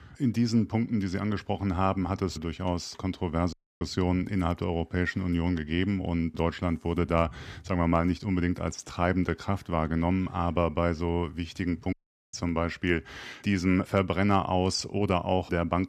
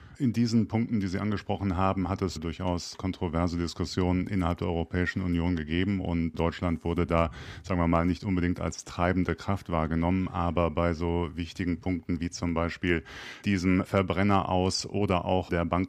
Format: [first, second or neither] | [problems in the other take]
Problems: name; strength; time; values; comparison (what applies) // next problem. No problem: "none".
second | audio cutting out; at 3.5 s and at 12 s